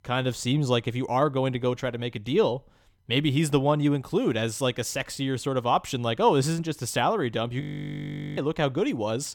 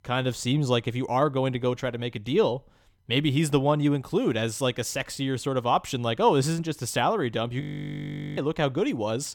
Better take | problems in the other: neither | audio freezing; at 7.5 s for 1 s; the same in both

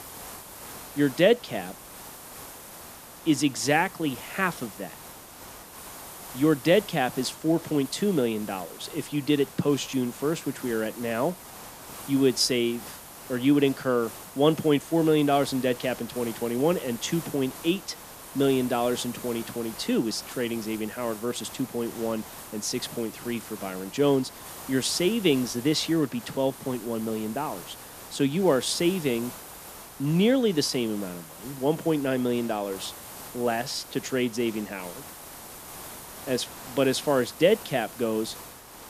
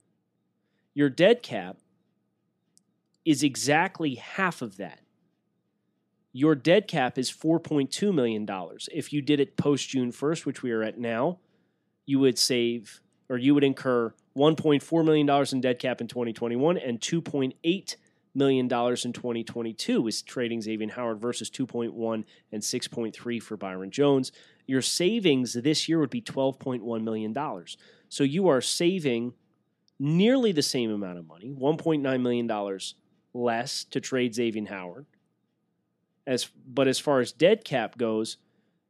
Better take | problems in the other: second | hiss; noticeable; throughout; 15 dB below the speech

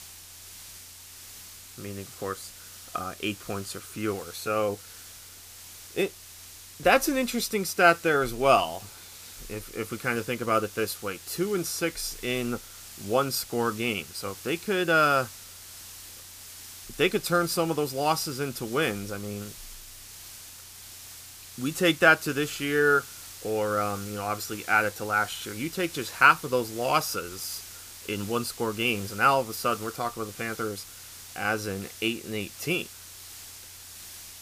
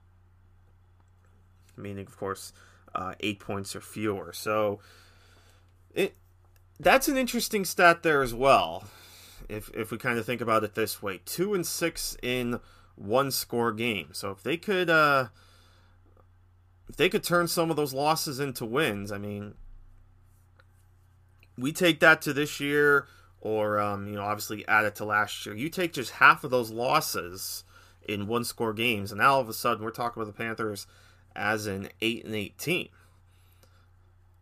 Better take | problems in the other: second | hiss; noticeable; throughout; 15 dB below the speech

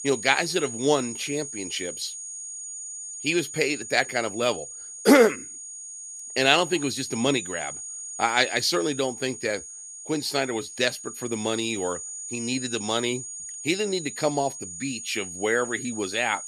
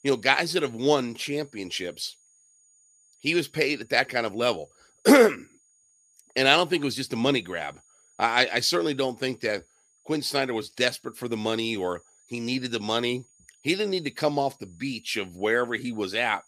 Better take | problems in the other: second | high-pitched whine; loud; throughout; 6.5 kHz, 9 dB below the speech; faint in the second

